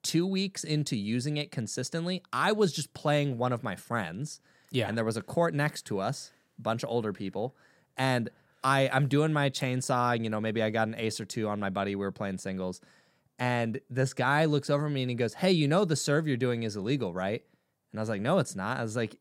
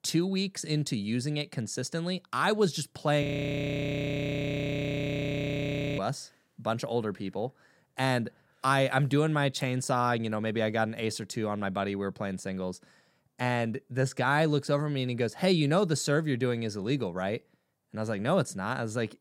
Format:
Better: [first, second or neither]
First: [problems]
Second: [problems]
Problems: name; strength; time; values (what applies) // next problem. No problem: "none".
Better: first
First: none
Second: audio freezing; at 3 s for 3 s